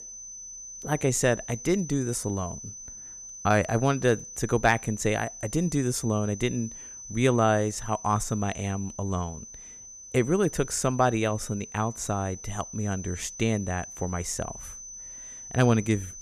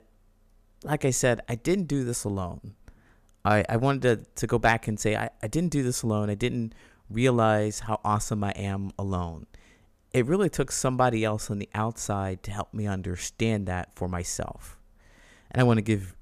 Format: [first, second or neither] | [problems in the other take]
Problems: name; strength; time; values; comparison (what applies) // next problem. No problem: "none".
second | high-pitched whine; noticeable; throughout; 6 kHz, 10 dB below the speech